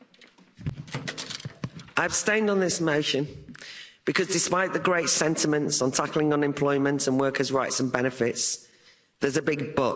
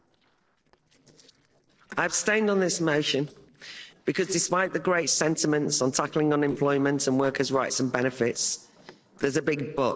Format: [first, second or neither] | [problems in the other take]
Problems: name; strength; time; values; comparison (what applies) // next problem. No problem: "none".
first | noise reduction (neural separator model SepFormer DNS4)